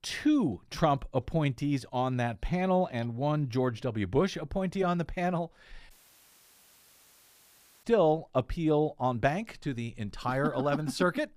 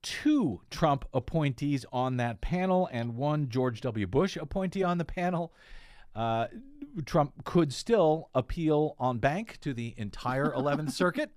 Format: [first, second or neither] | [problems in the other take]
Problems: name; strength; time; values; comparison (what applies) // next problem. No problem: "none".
second | audio cutting out; at 6 s for 2 s